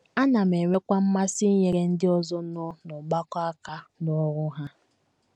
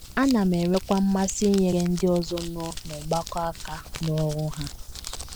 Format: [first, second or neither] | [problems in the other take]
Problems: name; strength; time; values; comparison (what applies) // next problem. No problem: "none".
first | background sound (Crumpling, crinkling); 12 dB below the speech